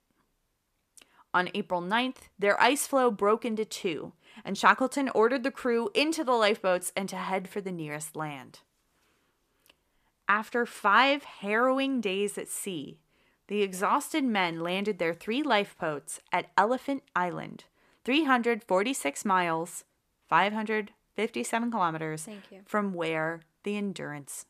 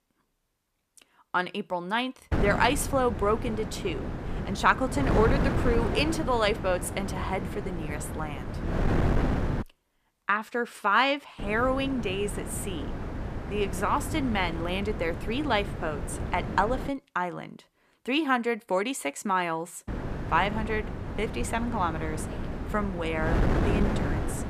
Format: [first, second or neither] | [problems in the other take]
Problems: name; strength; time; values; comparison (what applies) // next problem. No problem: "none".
first | wind noise on the microphone; heavy; from 2.5 to 9.5 s, from 11 to 17 s and from 20 s on; 9 dB below the speech